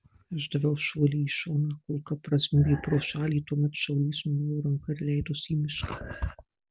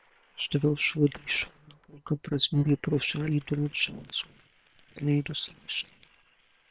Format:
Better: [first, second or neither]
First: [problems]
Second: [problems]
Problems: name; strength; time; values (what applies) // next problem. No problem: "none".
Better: first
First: none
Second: noise reduction (neural separator model SepFormer WHAM!)